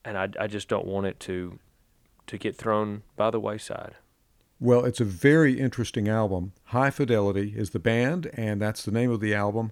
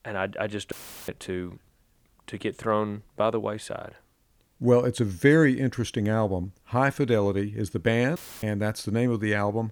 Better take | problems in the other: first | audio cutting out; filled with static; at 0.5 s and at 8 s

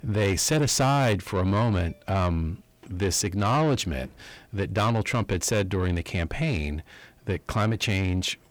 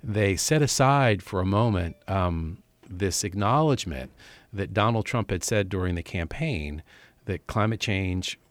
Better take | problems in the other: second | distortion; slight; 10 dB below the speech

